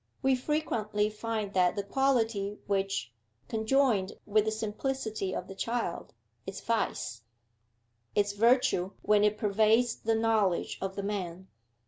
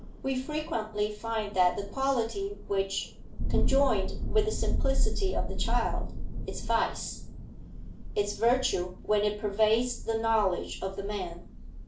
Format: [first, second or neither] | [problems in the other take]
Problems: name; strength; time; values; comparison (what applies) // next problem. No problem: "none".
first | background sound (Thunder); 1 dB below the speech // room echo; dies away in 0.3 s